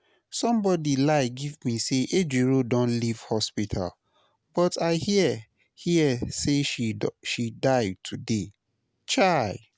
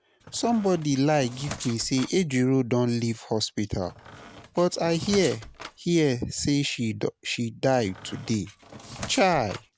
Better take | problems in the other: first | background sound (Squeak); 15 dB below the speech

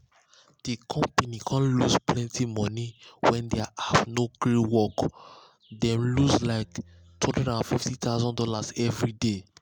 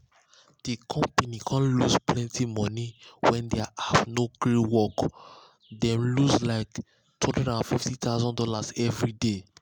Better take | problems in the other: second | background sound (Bowed string instrument); 19 dB below the speech

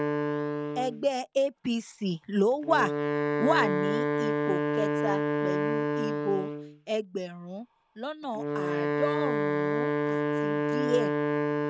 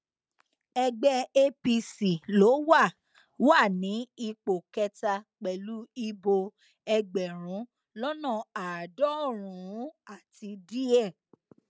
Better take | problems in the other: second | background sound (Wind instrument, woodwind instrument); 2 dB above the speech

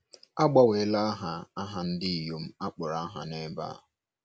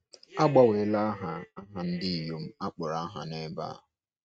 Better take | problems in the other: first | noise reduction (neural mask model RNNoise)

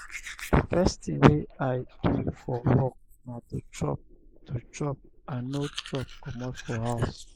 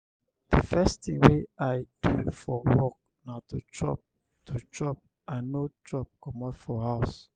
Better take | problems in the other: second | noise reduction (neural mask model Resemble Enhance denoiser)

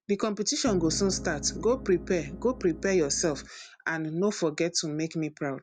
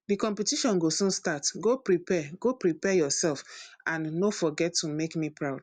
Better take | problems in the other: second | background sound (Piano); 11 dB below the speech

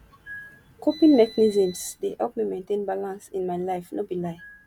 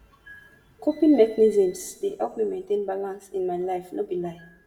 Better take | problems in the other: first | room echo; dies away in 0.7 s

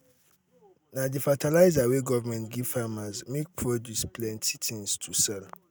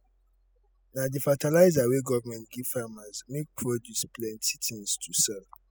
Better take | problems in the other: first | noise reduction (classical method spectral subtraction)

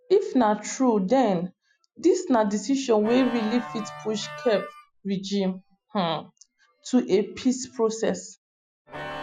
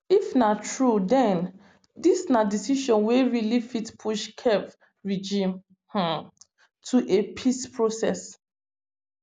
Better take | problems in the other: second | noise reduction (classical method Wiener filter)

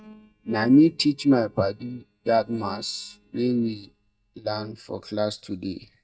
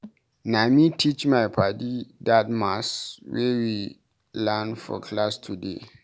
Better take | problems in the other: second | noise reduction (neural mask model DeepFilterNet 3)

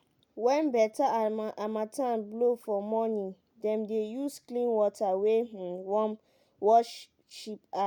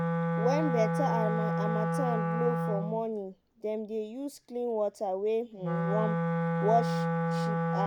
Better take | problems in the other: first | background sound (Wind instrument, woodwind instrument); 2 dB above the speech

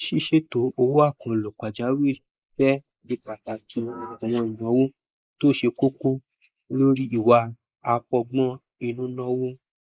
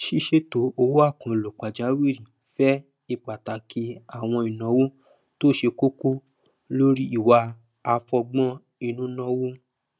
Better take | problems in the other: second | noise reduction (neural mask model Resemble Enhance denoiser)

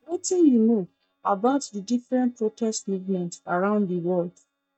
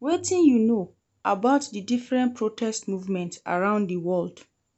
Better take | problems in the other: second | noise reduction (neural mask model DeepFilterNet 3)

